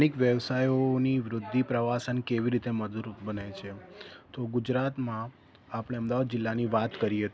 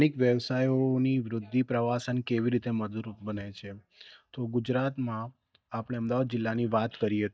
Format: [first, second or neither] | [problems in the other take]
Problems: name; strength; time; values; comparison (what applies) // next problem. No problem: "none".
first | noise reduction (neural mask model DeepFilterNet 3)